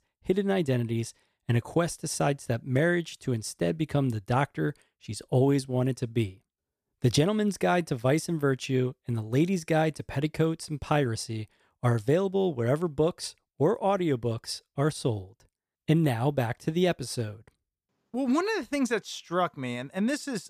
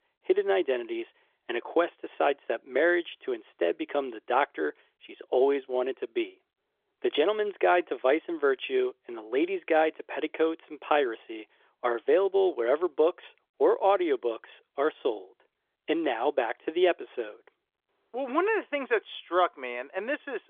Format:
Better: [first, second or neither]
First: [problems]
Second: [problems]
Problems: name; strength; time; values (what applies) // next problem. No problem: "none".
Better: first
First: none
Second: phone-call audio; nothing above 3.5 kHz